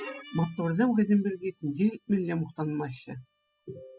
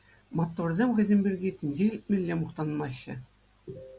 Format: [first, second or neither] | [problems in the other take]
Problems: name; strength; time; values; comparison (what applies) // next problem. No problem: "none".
second | noise reduction (classical method spectral subtraction)